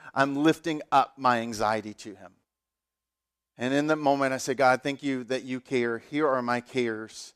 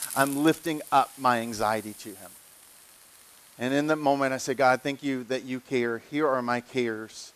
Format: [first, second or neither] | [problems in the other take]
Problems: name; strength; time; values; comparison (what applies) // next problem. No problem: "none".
first | hiss; noticeable; throughout; 15 dB below the speech